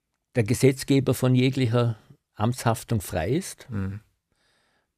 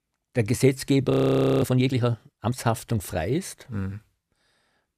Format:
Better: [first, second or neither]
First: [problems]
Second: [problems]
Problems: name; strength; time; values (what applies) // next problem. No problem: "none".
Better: first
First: none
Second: audio freezing; at 1 s for 0.5 s